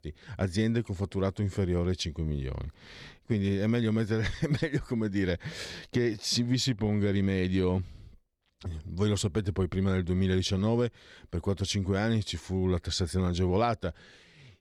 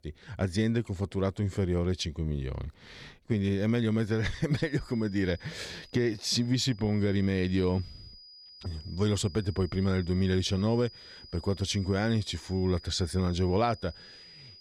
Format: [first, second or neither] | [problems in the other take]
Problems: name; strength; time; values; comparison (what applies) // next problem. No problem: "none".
first | high-pitched whine; noticeable; from 4.5 s on; 5 kHz, 20 dB below the speech